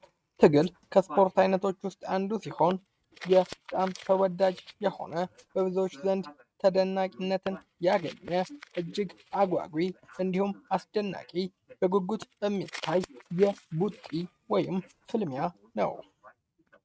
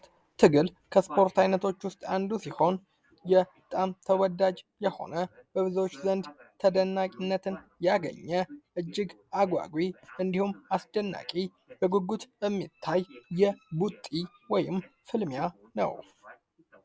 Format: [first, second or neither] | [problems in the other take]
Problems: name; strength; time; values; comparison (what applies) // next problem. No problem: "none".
second | noise reduction (neural mask model RNNoise)